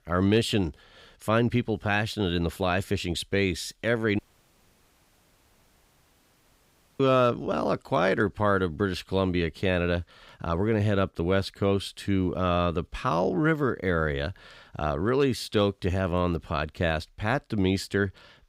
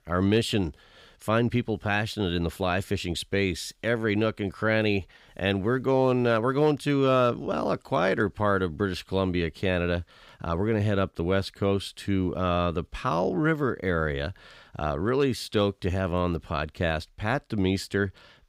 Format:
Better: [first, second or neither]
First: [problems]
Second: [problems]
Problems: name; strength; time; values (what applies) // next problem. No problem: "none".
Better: second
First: audio cutting out; at 4 s for 3 s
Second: none